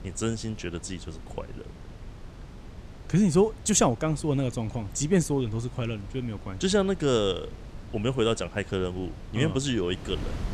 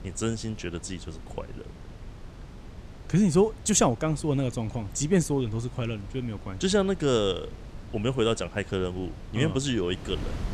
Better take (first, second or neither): neither